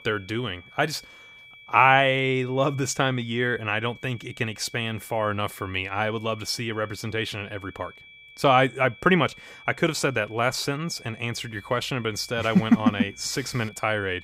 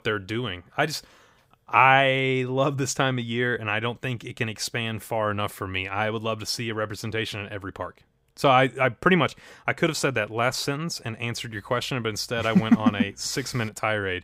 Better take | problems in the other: second | high-pitched whine; faint; throughout; 2.5 kHz, 20 dB below the speech

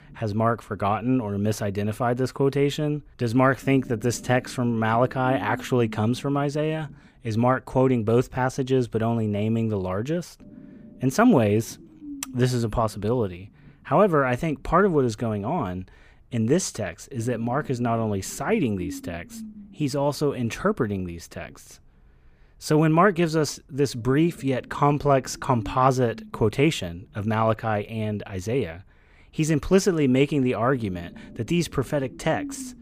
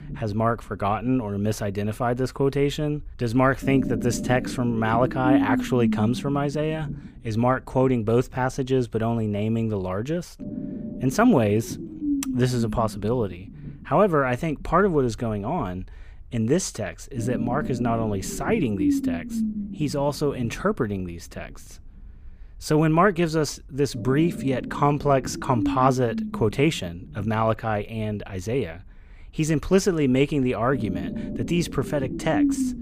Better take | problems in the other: first | low rumble; loud; throughout; 9 dB below the speech; faint in the first

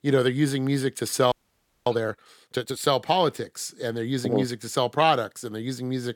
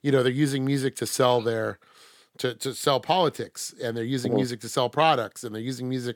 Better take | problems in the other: second | audio freezing; at 1.5 s for 0.5 s

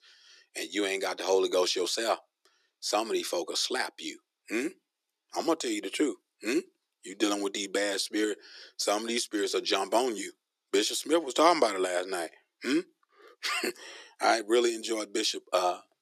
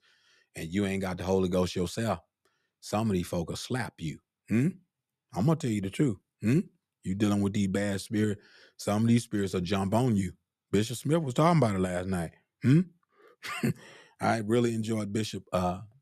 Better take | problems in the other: second | thin; very; fading below 300 Hz

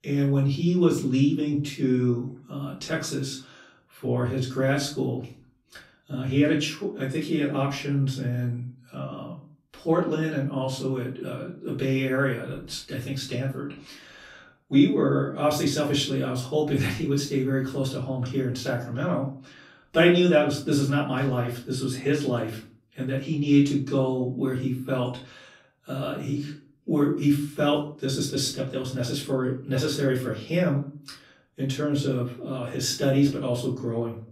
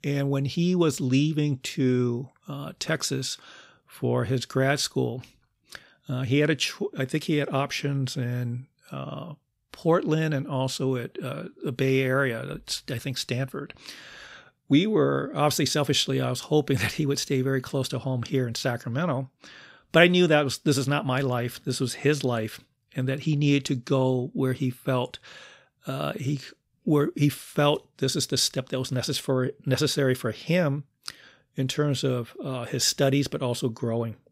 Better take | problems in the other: second | off-mic speech; far // room echo; slight; dies away in 0.4 s

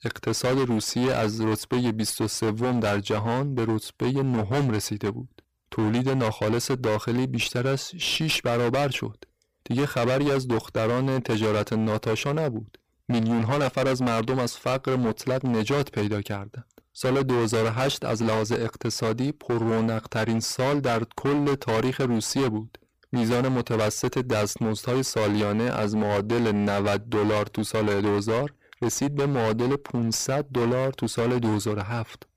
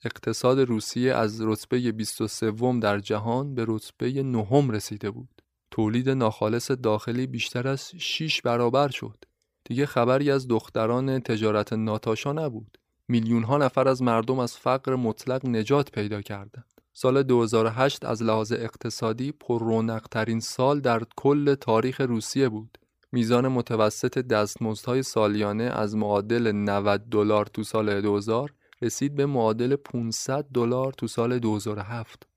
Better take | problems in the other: second | distortion; heavy; 27% of the sound clipped

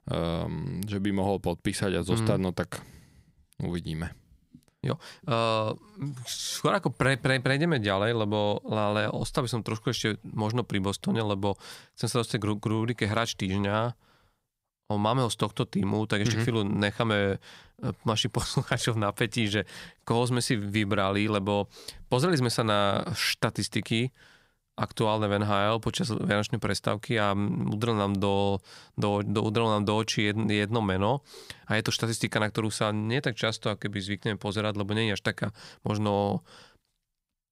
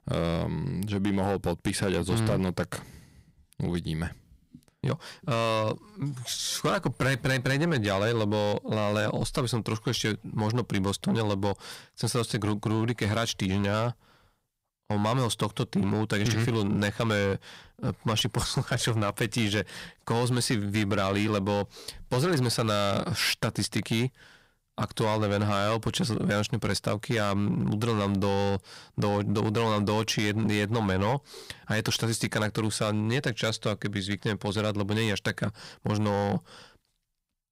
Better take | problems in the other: first | distortion; slight; 10% of the sound clipped

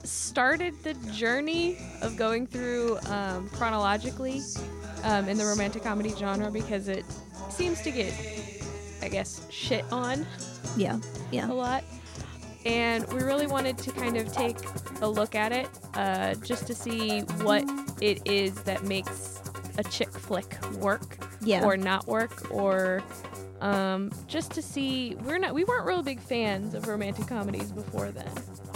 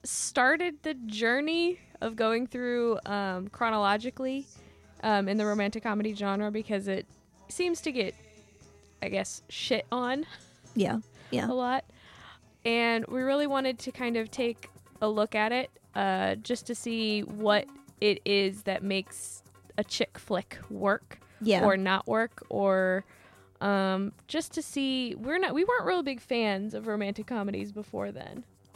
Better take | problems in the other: second | background music; loud; throughout; 9 dB below the speech; faint in the second

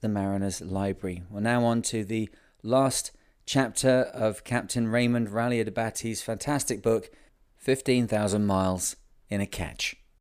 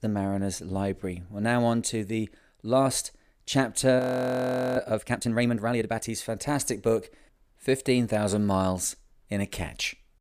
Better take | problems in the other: first | audio freezing; at 4 s for 1 s

